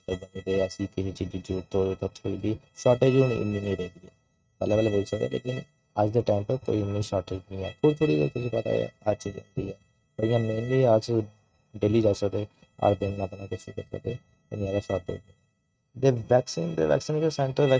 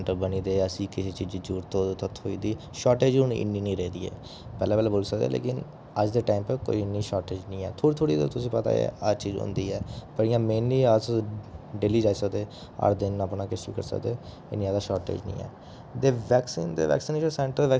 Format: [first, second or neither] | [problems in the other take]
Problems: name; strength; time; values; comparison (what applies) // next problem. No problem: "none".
second | noise reduction (neural mask model RNNoise)